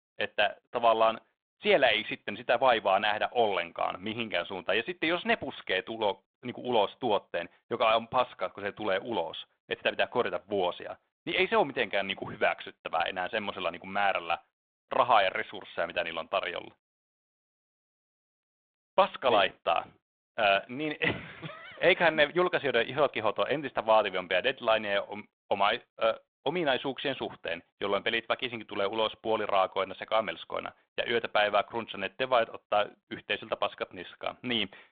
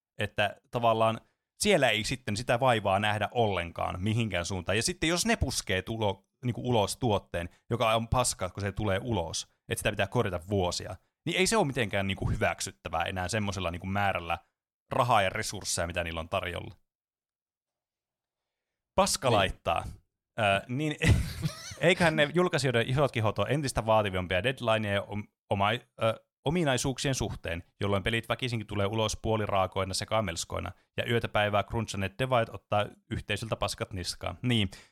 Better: second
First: phone-call audio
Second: none

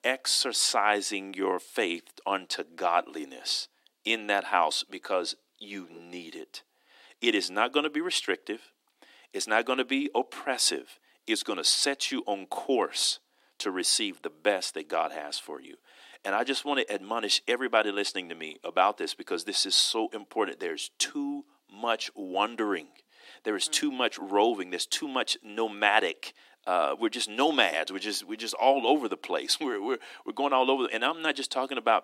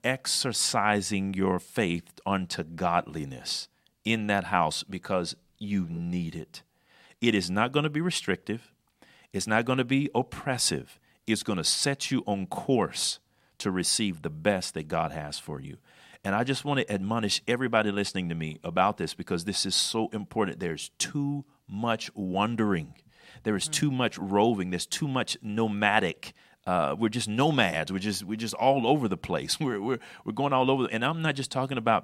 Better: second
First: thin; somewhat; fading below 300 Hz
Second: none

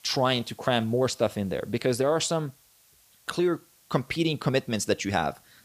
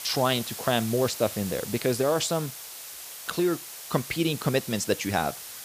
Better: first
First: hiss; faint; throughout; 30 dB below the speech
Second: hiss; loud; throughout; 10 dB below the speech

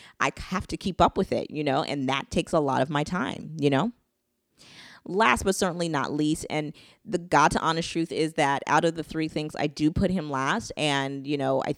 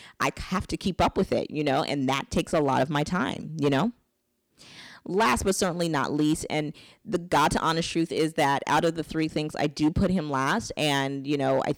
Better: first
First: none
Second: distortion; slight; 5% of the sound clipped

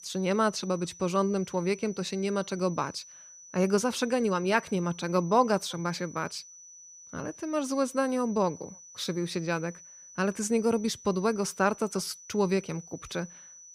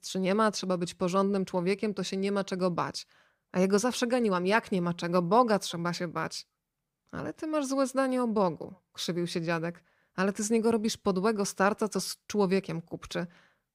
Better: second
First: high-pitched whine; noticeable; throughout; 6 kHz, 20 dB below the speech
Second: none

